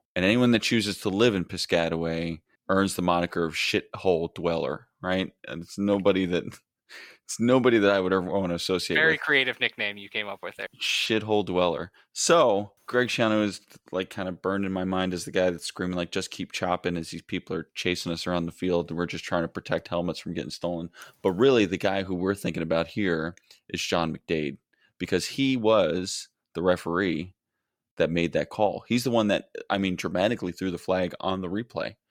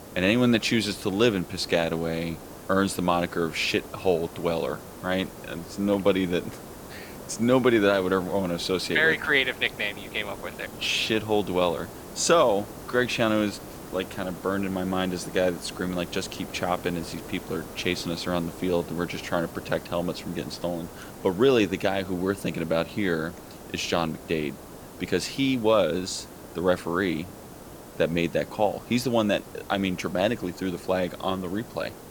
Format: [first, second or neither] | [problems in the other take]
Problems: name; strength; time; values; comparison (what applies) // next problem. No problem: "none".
first | hiss; noticeable; throughout; 15 dB below the speech